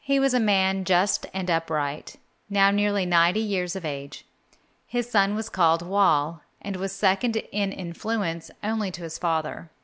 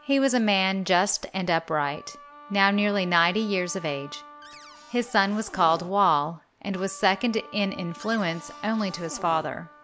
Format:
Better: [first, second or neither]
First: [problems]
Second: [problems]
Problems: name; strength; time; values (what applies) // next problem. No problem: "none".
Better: first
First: none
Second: background sound (Wind instrument, woodwind instrument + Cupboard open or close); 20 dB below the speech